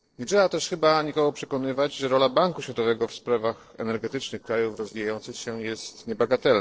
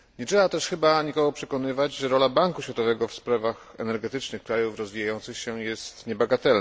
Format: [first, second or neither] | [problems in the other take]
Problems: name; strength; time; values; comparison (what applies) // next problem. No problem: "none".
second | noise reduction (neural separator model SepFormer DNS4)